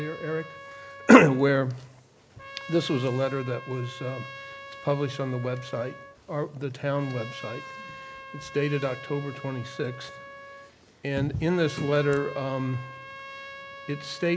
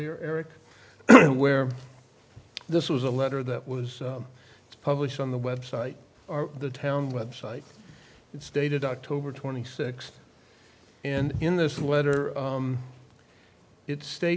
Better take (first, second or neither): second